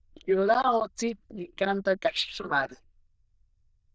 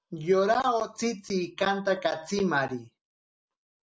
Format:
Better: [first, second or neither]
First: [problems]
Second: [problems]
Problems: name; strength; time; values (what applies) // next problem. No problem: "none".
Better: second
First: noise reduction (neural diffusion model UNIVERSE++)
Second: none